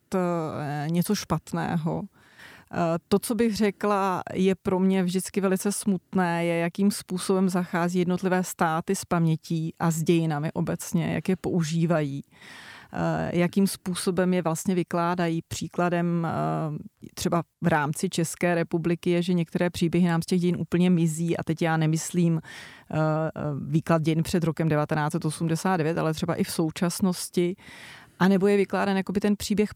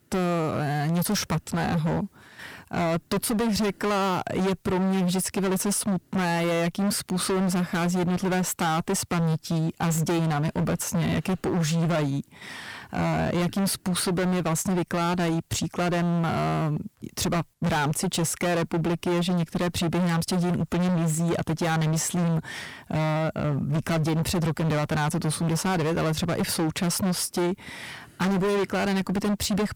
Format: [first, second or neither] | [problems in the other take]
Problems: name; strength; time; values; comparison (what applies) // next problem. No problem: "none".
first | distortion; heavy; 31% of the sound clipped